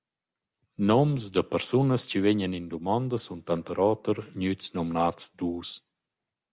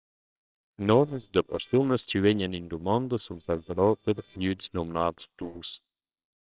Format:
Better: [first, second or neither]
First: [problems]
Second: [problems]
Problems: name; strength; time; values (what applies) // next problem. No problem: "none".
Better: first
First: none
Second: noise reduction (neural separator model SepFormer WHAMR!)